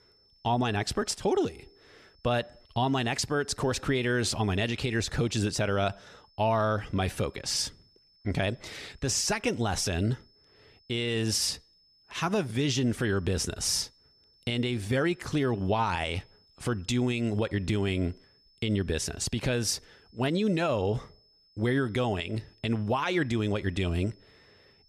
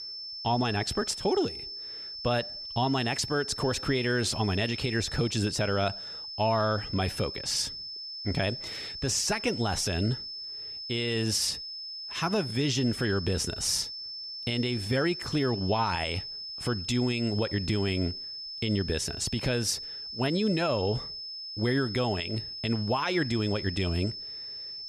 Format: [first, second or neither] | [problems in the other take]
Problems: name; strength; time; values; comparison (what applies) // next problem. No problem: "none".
first | high-pitched whine; loud; throughout; 5 kHz, 7 dB below the speech; faint in the first